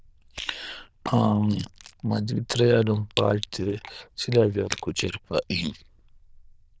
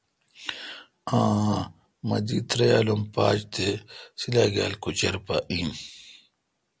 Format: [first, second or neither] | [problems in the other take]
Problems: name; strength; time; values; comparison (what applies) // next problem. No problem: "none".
second | noise reduction (neural diffusion model UNIVERSE++)